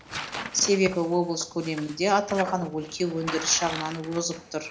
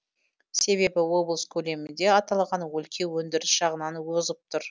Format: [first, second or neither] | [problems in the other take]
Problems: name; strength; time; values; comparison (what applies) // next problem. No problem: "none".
second | background sound (Tearing); 11 dB below the speech // room echo; dies away in 0.4 s